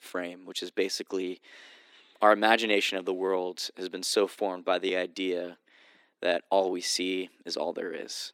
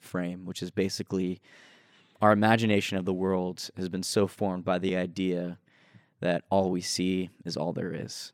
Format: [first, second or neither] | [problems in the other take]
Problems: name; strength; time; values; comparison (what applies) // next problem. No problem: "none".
second | thin; somewhat; fading below 300 Hz